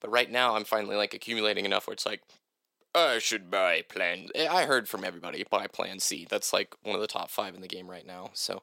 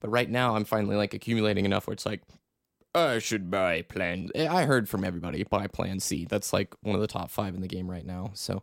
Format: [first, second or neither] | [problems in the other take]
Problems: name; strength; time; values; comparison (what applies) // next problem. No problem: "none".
second | thin; somewhat; fading below 450 Hz